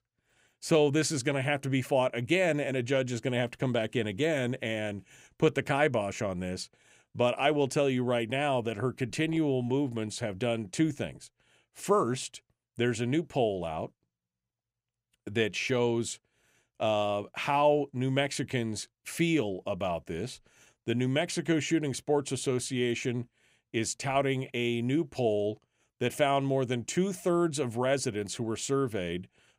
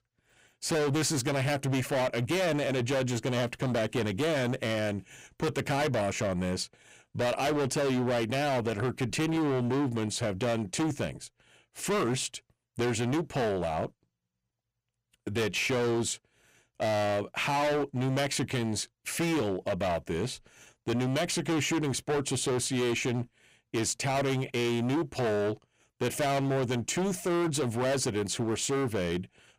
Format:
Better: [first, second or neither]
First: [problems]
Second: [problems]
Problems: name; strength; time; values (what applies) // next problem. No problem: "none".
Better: first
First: none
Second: distortion; heavy; 23% of the sound clipped